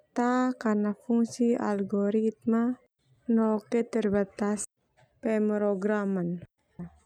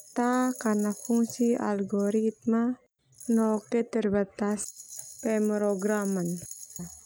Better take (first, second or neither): first